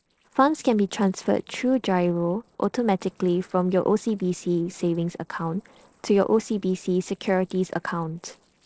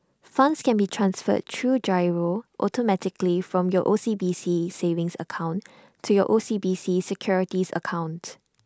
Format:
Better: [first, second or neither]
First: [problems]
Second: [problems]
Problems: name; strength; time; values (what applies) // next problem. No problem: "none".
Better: second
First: noise reduction (neural separator model SepFormer DNS4)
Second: none